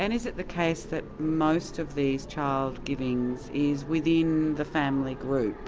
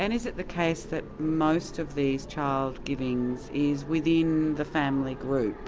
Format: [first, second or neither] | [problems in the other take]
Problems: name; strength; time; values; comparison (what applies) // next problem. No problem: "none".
second | background sound (Acoustic guitar / Strum); 20 dB below the speech